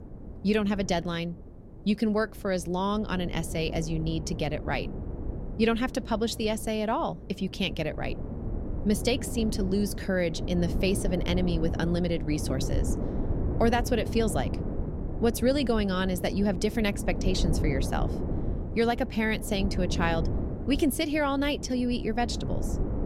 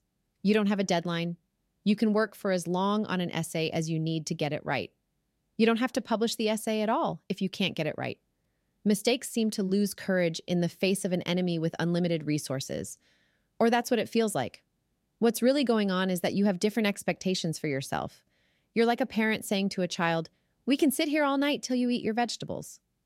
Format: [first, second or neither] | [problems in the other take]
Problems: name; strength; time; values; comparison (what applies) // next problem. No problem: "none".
second | wind noise on the microphone; occasional gusts; 10 dB below the speech